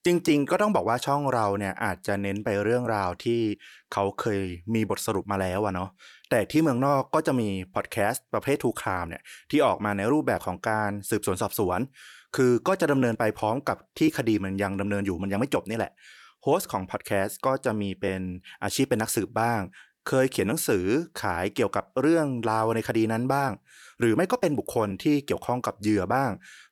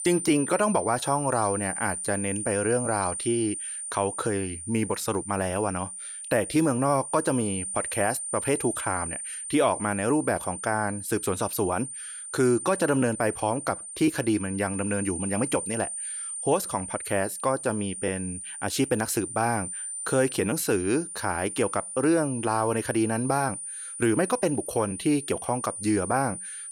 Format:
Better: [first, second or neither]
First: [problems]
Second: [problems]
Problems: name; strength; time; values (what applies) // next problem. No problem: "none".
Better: first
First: none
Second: high-pitched whine; loud; throughout; 9 kHz, 6 dB below the speech